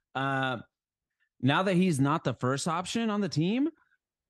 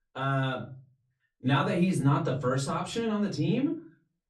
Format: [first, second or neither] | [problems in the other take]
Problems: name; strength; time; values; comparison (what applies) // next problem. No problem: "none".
first | off-mic speech; far // room echo; very slight; dies away in 0.3 s